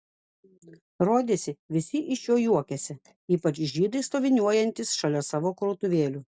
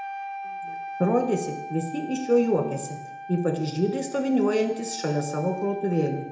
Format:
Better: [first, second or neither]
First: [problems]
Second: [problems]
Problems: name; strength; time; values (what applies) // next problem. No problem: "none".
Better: first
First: none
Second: background sound (Wind instrument, woodwind instrument); 11 dB below the speech // room echo; dies away in 0.7 s